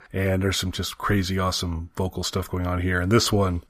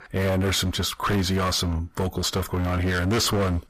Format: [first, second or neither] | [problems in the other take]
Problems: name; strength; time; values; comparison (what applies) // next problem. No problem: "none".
first | distortion; heavy; 24% of the sound clipped